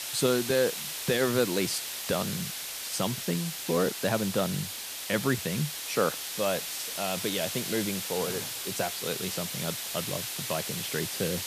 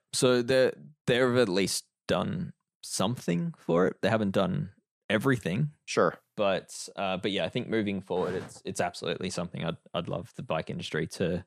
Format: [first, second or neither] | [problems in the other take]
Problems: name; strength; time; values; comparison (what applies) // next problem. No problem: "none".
second | hiss; loud; throughout; 2 dB below the speech